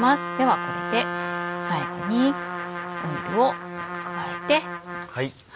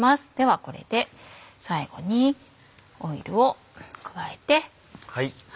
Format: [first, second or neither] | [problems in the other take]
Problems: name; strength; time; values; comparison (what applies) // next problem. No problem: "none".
second | background sound (Trumpet); 5 dB below the speech